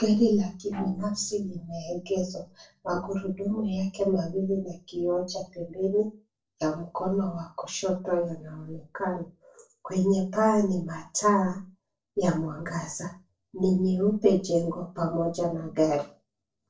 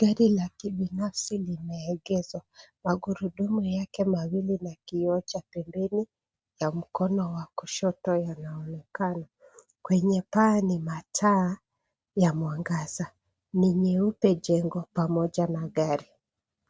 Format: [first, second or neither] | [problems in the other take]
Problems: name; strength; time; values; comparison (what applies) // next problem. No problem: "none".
second | noise reduction (neural separator model SepFormer DNS4)